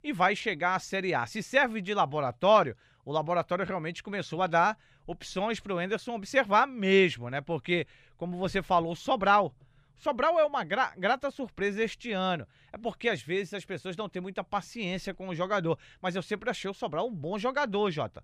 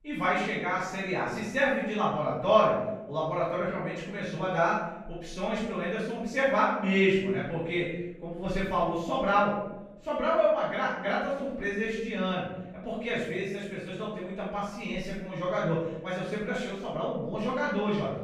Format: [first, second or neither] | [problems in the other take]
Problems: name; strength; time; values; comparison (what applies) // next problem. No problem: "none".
first | off-mic speech; far // room echo; strong; dies away in 0.8 s